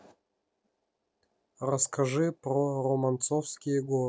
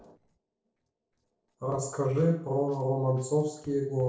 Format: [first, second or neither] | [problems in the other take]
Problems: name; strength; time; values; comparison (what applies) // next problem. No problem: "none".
first | noise reduction (neural separator model SepFormer DNS4)